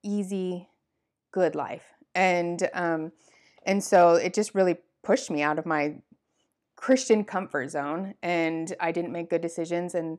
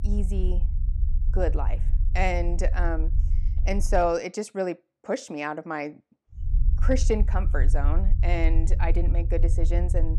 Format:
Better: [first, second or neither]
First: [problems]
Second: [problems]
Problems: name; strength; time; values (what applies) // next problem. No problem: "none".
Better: first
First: none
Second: low rumble; noticeable; until 4 s and from 6.5 s on; 15 dB below the speech